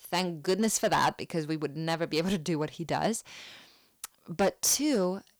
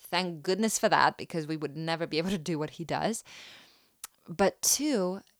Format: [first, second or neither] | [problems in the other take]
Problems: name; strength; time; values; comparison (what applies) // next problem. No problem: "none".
second | distortion; slight; 3% of the sound clipped